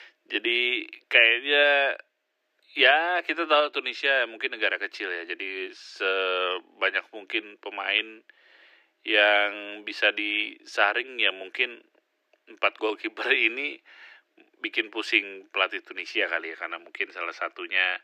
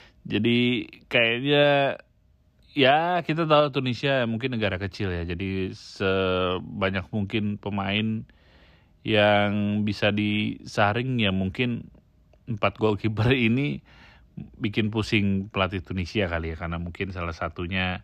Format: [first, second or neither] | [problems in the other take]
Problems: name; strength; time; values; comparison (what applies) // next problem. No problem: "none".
second | thin; very; fading below 300 Hz